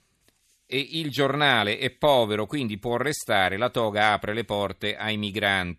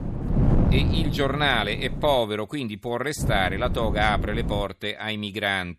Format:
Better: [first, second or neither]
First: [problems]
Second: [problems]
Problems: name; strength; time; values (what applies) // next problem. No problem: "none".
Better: first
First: none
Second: wind noise on the microphone; occasional gusts; until 2 s and from 3 to 4.5 s; 10 dB below the speech